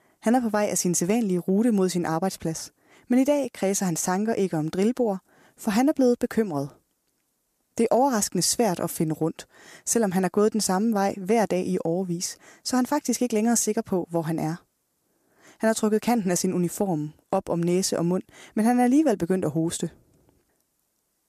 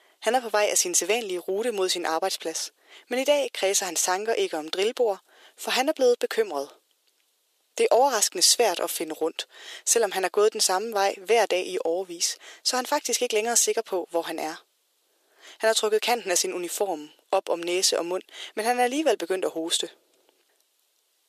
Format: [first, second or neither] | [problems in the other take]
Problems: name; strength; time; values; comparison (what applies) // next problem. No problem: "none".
first | thin; very; fading below 400 Hz